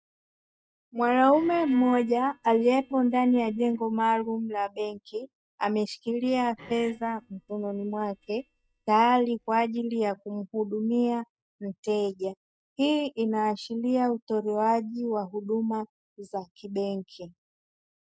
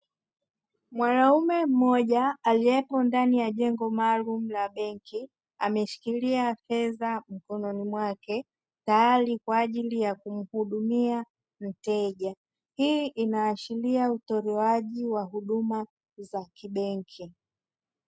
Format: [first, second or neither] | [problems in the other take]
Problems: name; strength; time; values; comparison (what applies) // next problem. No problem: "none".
second | noise reduction (neural mask model DeepFilterNet 3)